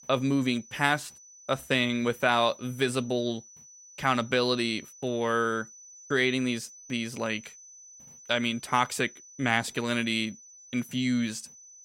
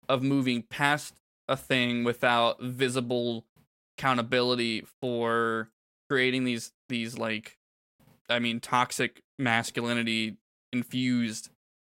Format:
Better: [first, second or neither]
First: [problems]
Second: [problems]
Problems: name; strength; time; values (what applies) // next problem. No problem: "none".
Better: second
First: high-pitched whine; faint; throughout; 6 kHz, 20 dB below the speech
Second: none